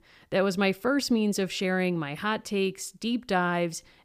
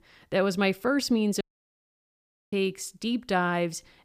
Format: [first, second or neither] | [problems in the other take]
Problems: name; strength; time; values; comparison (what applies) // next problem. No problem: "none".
first | audio cutting out; at 1.5 s for 1 s